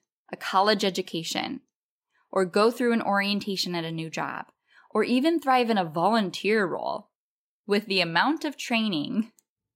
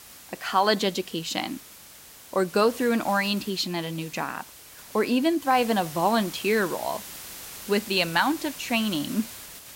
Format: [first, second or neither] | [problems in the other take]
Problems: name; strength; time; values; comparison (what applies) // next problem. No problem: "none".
first | hiss; noticeable; throughout; 15 dB below the speech